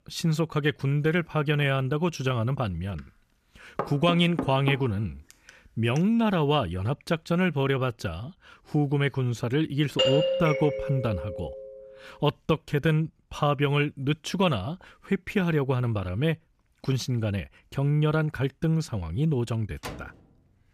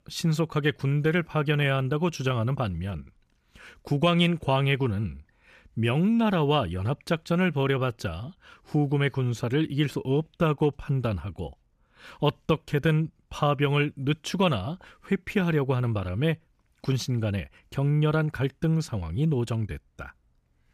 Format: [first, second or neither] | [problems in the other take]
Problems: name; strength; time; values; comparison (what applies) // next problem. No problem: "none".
second | door banging; noticeable; from 4 to 6 s; peak 6 dB below the speech // doorbell; loud; from 10 to 12 s; peak 3 dB above the speech // door banging; faint; at 20 s; peak 15 dB below the speech